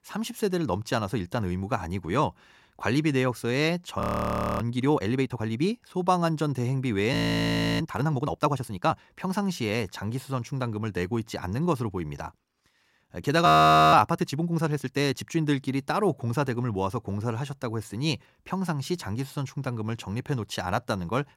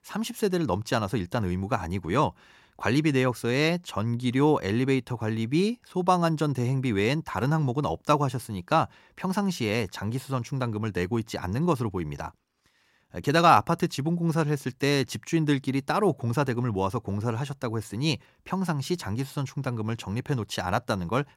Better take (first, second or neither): second